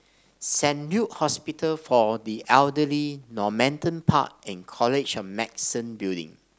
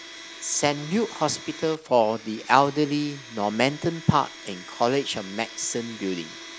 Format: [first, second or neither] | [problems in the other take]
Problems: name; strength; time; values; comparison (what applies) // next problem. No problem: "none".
first | background sound (Domestic sounds, home sounds); 16 dB below the speech